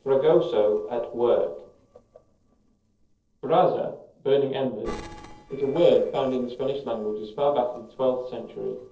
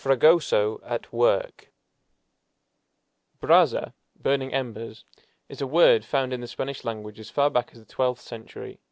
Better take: second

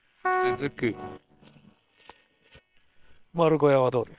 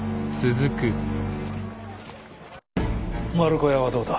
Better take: second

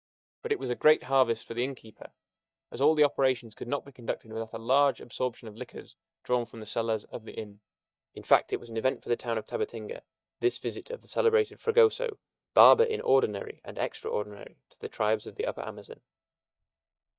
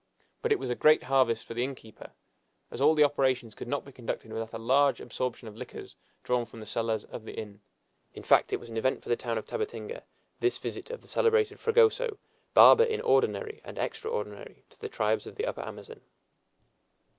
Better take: second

